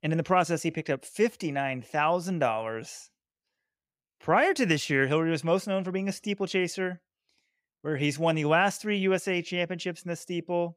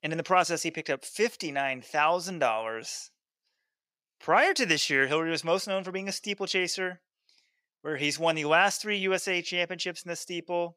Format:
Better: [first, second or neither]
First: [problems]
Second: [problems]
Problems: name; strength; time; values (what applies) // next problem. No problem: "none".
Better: first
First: none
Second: thin; somewhat; fading below 1 kHz